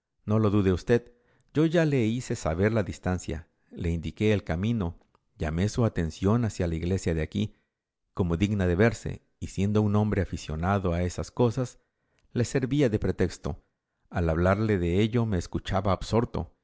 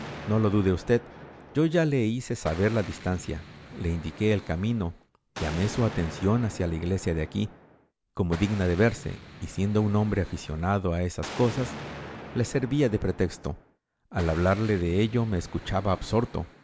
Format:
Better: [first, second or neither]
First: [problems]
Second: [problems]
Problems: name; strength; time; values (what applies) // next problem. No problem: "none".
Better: first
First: none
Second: background sound (Explosion); 15 dB below the speech